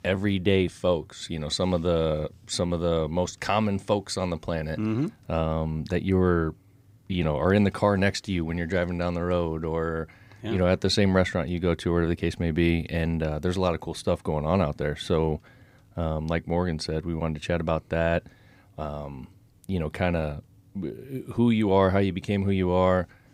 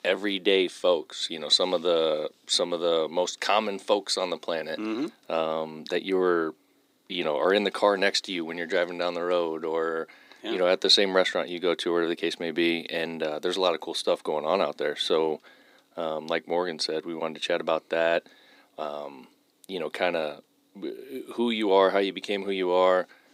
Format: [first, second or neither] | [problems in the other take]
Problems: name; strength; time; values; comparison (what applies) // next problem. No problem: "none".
first | thin; somewhat; fading below 300 Hz